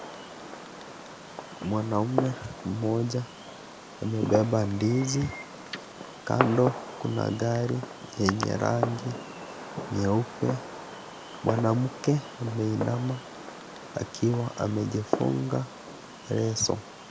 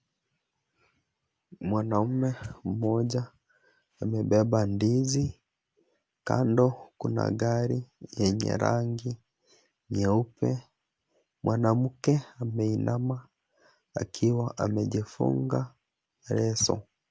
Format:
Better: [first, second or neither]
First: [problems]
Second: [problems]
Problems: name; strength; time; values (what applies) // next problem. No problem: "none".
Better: second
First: background sound (Fireworks); 8 dB below the speech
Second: none